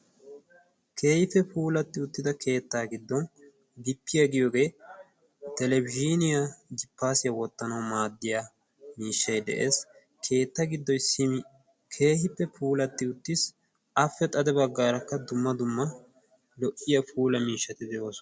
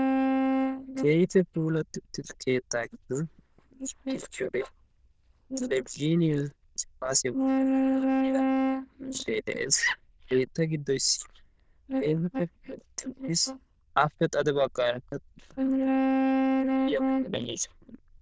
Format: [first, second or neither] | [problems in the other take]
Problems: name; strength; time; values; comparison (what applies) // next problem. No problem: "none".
first | noise reduction (neural diffusion model UNIVERSE++)